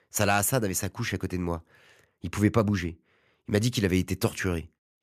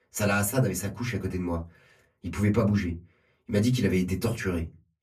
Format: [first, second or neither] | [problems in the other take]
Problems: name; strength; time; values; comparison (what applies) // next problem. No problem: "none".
first | off-mic speech; far // room echo; very slight; dies away in 0.2 s